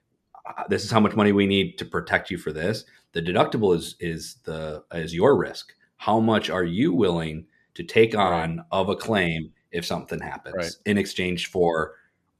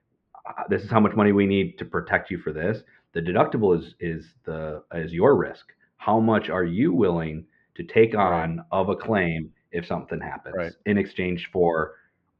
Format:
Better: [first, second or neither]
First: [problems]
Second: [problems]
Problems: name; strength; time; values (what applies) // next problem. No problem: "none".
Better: first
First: none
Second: muffled; very; fading above 2.5 kHz